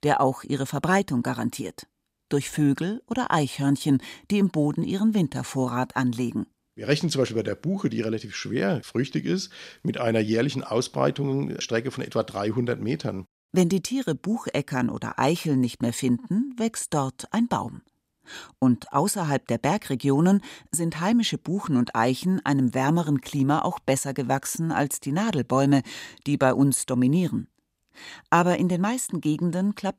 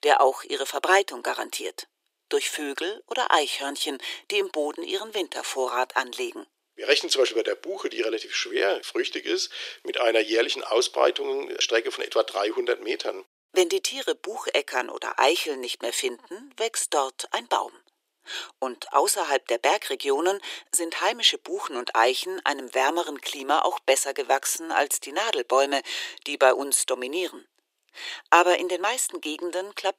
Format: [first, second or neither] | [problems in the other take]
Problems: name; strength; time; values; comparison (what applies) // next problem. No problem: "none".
first | thin; very; fading below 350 Hz